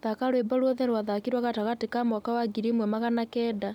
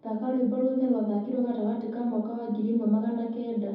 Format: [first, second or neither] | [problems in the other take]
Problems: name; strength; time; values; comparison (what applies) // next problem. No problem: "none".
first | room echo; dies away in 0.9 s